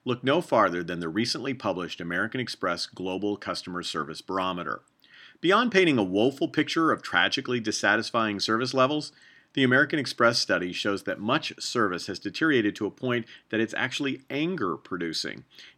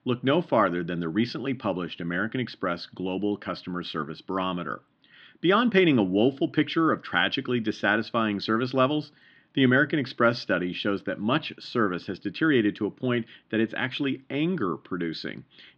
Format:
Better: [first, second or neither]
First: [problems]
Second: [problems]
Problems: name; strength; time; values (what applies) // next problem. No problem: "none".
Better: first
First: none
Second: muffled; slightly; fading above 3.5 kHz